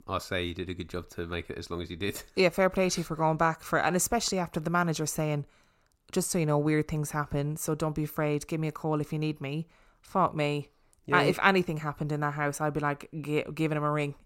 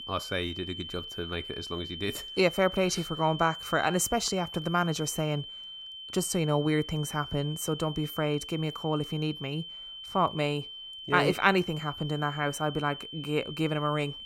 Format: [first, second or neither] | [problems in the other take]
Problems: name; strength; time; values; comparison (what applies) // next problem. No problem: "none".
first | high-pitched whine; loud; throughout; 3 kHz, 10 dB below the speech